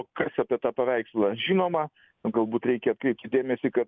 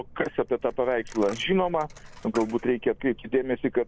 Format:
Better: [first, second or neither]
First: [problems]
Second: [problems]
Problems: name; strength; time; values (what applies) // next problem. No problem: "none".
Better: first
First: none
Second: background sound (Coin (dropping)); 18 dB below the speech